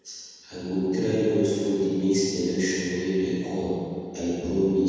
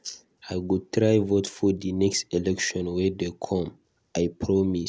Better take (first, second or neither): second